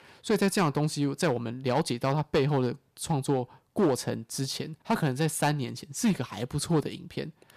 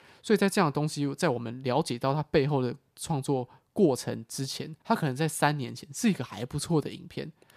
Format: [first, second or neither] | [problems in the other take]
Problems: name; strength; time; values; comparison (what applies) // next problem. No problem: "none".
second | distortion; slight; 4% of the sound clipped